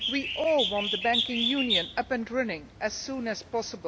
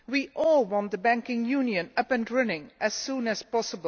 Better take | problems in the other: second | background sound (Bird); 3 dB below the speech

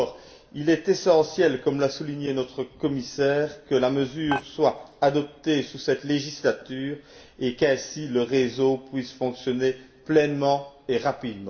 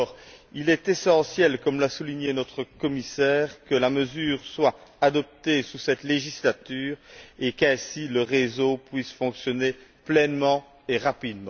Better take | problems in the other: second | background sound (Dishes, pots, and pans); 11 dB below the speech // room echo; dies away in 0.6 s

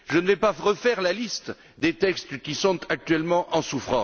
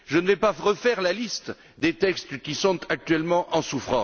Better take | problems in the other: second | background sound (Dishes, pots, and pans / Chink, clink); 16 dB below the speech

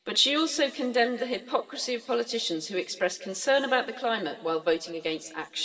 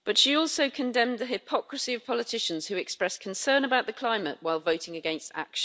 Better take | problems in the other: second | room echo; dies away in 2.6 s

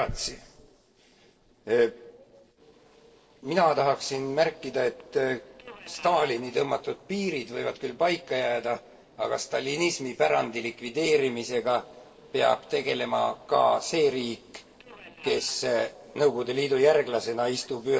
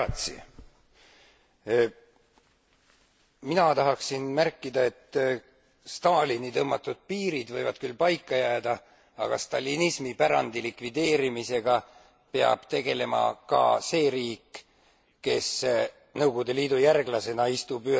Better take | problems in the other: second | noise reduction (neural separator model SepFormer DNS4)

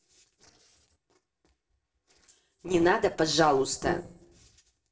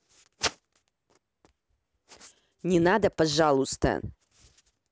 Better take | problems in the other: second | noise reduction (neural separator model SepFormer DNS4)

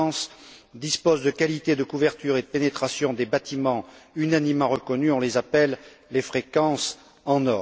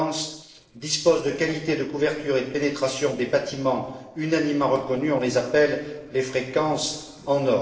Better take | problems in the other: first | noise reduction (neural separator model SepFormer DNS4)

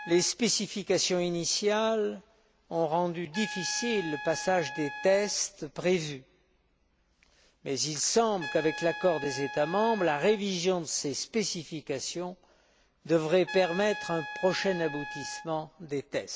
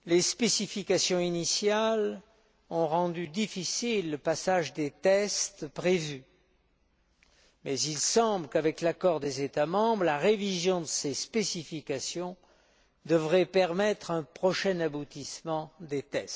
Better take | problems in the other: second | background sound (Trumpet); 13 dB below the speech

